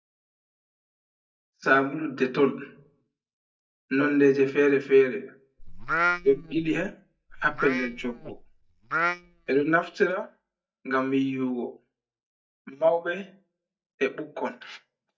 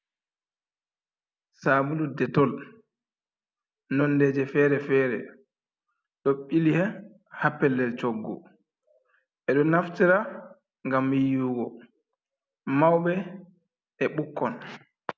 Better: second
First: noise reduction (neural mask model DeepFilterNet 3)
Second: none

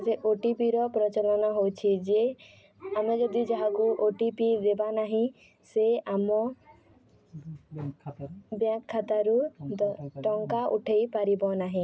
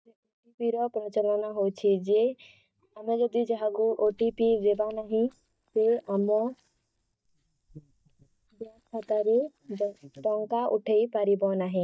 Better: first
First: none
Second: noise reduction (neural mask model DeepFilterNet 3)

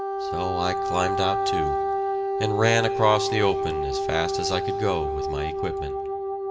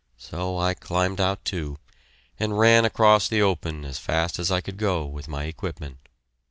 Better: second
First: background sound (Wind instrument, woodwind instrument); 1 dB above the speech // room echo; dies away in 1.8 s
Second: none

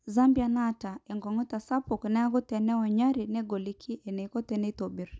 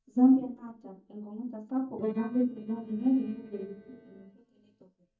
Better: first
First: none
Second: noise reduction (neural mask model DeepFilterNet 3)

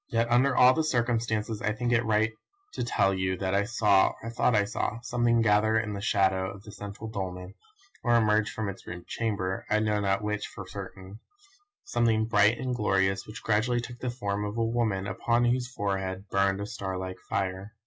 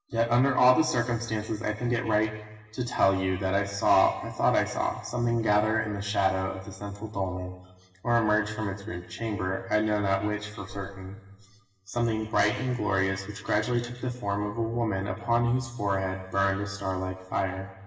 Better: first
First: none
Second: room echo; dies away in 1.2 s

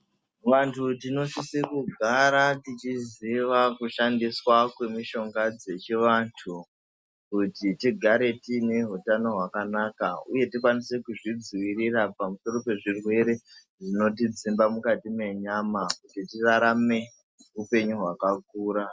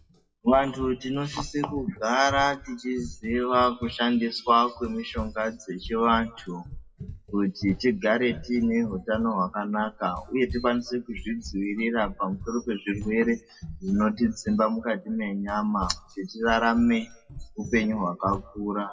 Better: first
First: none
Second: noise reduction (classical method WPE with log-MMSE)

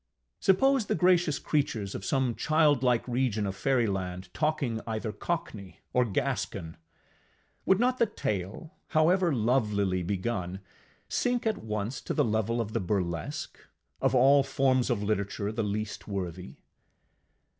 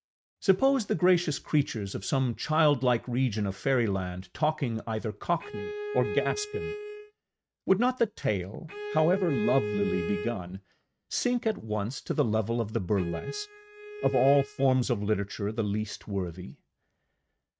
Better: first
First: none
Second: noise reduction (neural mask model RNNoise)

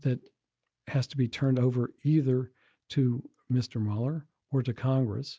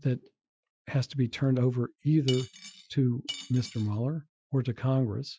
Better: first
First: none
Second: noise reduction (classical method Wiener filter)

